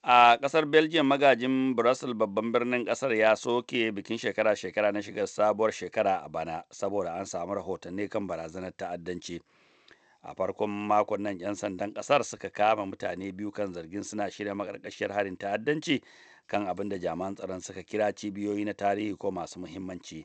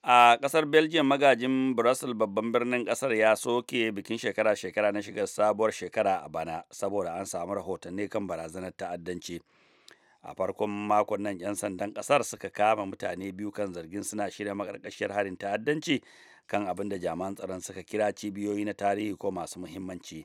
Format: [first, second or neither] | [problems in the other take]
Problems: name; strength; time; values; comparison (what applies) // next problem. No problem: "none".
second | garbled, watery; slightly; nothing above 8 kHz